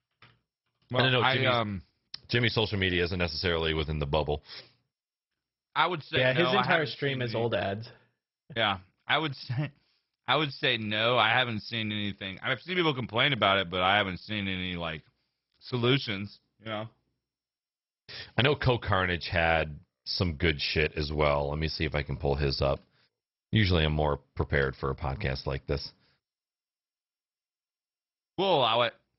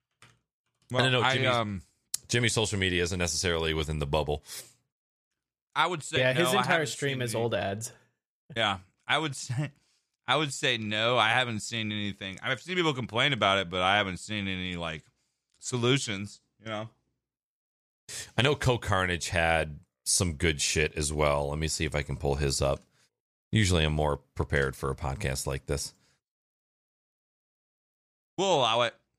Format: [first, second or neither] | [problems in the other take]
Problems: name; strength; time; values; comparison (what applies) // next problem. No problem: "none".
second | garbled, watery; badly; nothing above 5.5 kHz